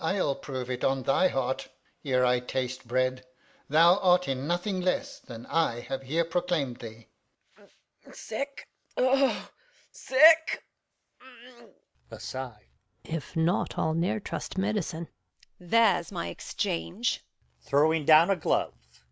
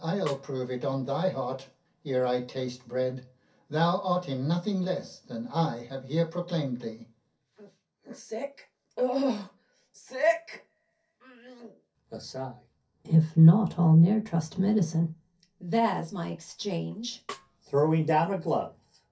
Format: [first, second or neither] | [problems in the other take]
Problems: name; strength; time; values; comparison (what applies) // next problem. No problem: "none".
first | background sound (Snare drum); 19 dB below the speech // room echo; dies away in 0.3 s